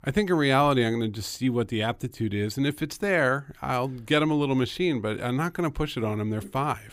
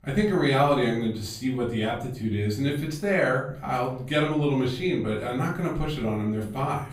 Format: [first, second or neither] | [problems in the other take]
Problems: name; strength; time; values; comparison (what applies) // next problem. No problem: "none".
first | off-mic speech; far // room echo; slight; dies away in 0.4 s